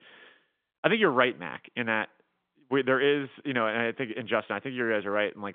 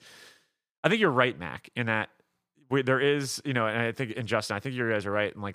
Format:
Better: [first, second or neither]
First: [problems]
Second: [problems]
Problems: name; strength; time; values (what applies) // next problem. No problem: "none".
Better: second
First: phone-call audio; nothing above 3.5 kHz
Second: none